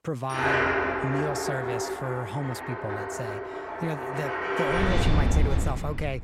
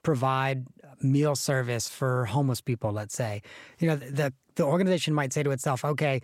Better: second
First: household noises; very loud; throughout; 4 dB above the speech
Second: none

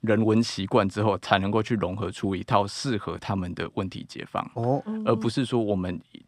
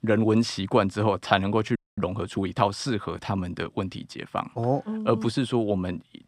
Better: first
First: none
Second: audio freezing; at 2 s

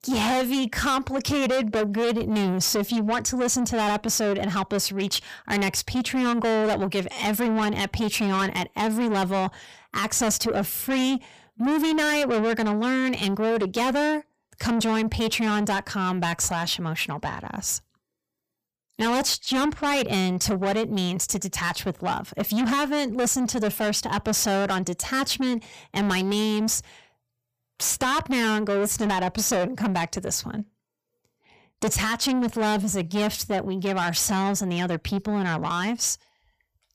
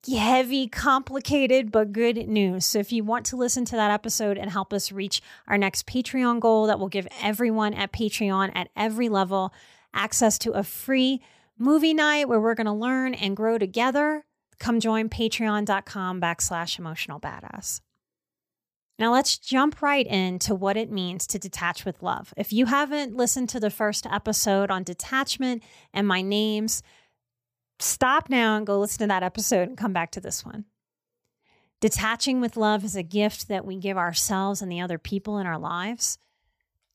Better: second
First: distortion; heavy; 6 dB below the speech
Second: none

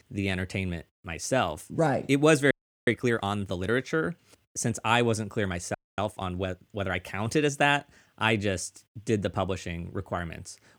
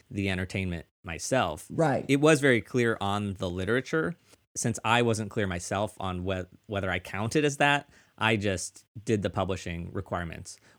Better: second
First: audio freezing; at 2.5 s and at 5.5 s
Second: none

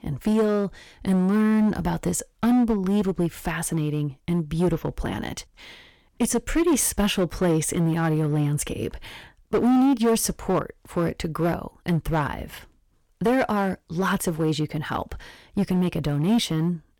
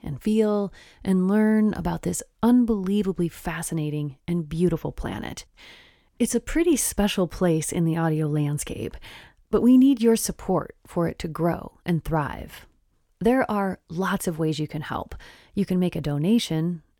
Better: second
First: distortion; slight; 9% of the sound clipped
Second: none

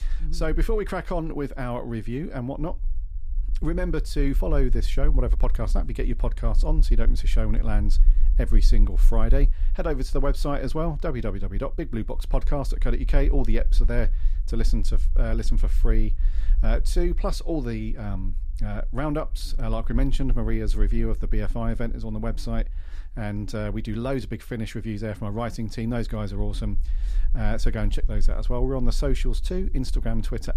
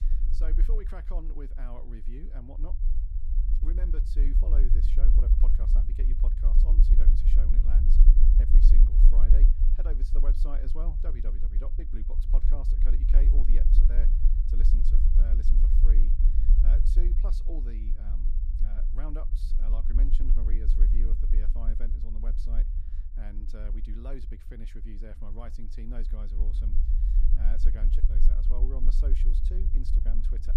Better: first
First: low rumble; faint; throughout; 20 dB below the speech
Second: low rumble; loud; throughout; 2 dB below the speech

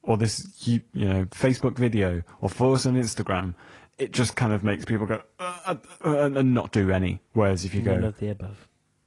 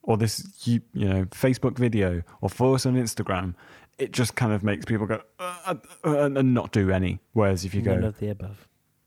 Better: second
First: garbled, watery; slightly; nothing above 10.5 kHz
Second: none

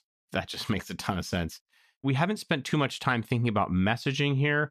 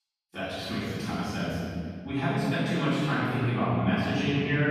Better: first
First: none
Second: off-mic speech; far // room echo; strong; dies away in 2.2 s

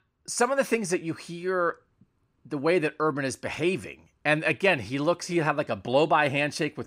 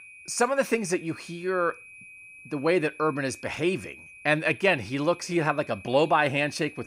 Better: first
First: none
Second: high-pitched whine; noticeable; throughout; 2.5 kHz, 20 dB below the speech

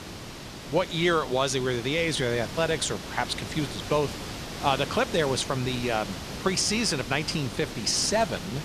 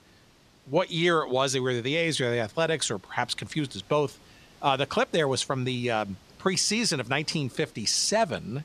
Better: second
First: hiss; loud; throughout; 9 dB below the speech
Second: hiss; faint; throughout; 30 dB below the speech

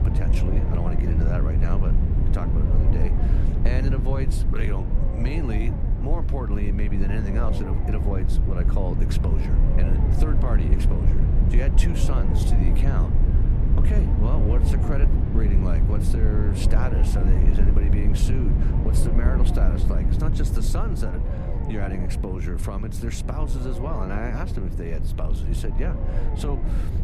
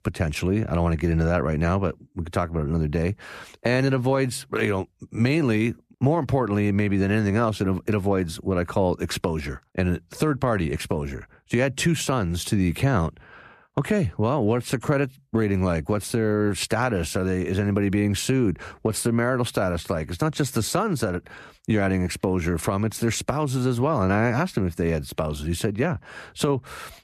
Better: second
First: low rumble; loud; throughout; 1 dB below the speech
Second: none

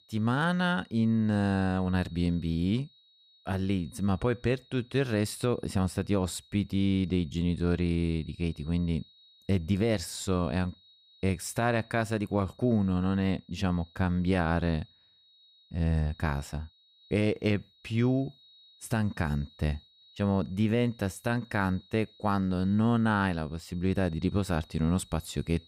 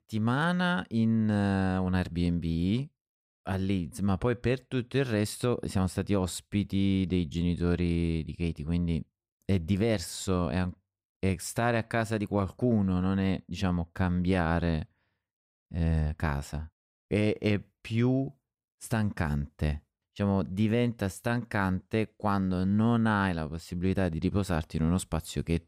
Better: second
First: high-pitched whine; faint; throughout; 4 kHz, 30 dB below the speech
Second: none

